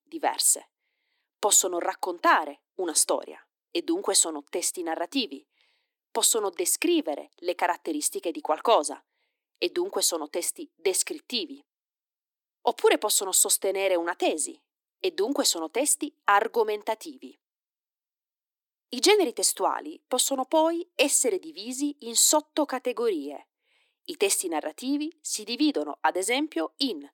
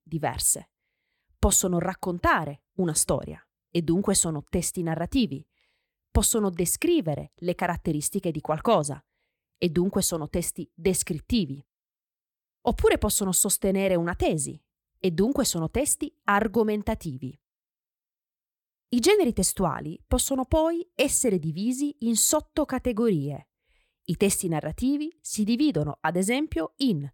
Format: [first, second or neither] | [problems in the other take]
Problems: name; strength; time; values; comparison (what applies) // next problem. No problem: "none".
second | thin; somewhat; fading below 300 Hz